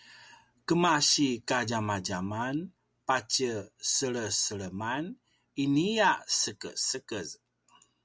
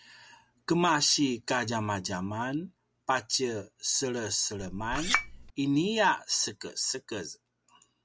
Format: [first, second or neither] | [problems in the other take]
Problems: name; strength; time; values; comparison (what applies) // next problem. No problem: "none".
first | background sound (Chink, clink); 2 dB below the speech